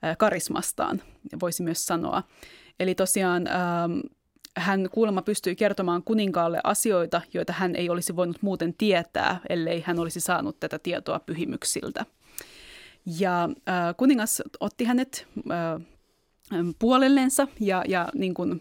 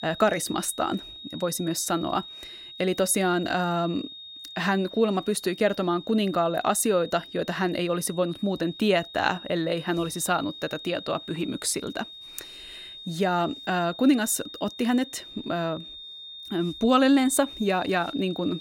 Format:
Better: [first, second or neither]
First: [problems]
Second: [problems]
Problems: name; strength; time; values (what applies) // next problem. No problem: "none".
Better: first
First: none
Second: high-pitched whine; noticeable; throughout; 3.5 kHz, 15 dB below the speech